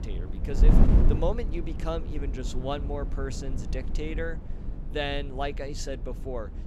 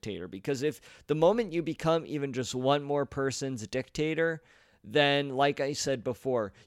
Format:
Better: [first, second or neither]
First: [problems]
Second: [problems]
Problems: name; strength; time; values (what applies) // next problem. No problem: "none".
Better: second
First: wind noise on the microphone; heavy; 6 dB below the speech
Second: none